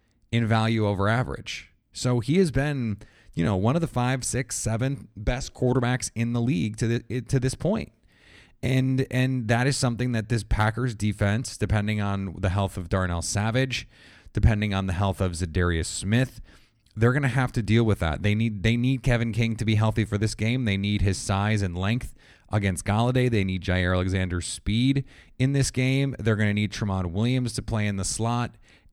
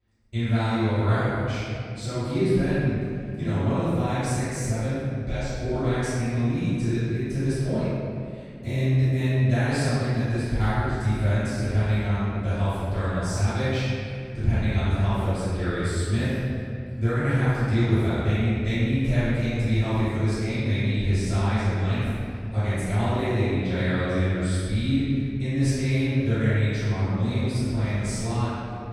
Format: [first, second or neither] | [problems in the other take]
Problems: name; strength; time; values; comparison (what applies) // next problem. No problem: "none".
first | room echo; strong; dies away in 2.2 s // off-mic speech; far